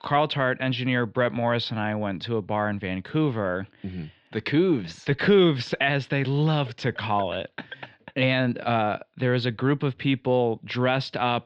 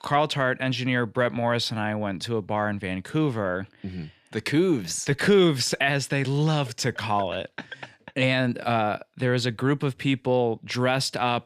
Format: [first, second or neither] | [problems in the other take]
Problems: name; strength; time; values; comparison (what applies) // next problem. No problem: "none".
second | muffled; slightly; fading above 3.5 kHz